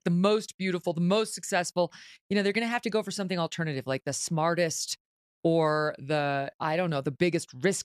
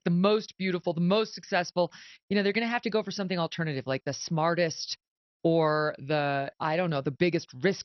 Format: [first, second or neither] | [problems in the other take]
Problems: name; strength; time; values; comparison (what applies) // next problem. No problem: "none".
first | garbled, watery; slightly; nothing above 6 kHz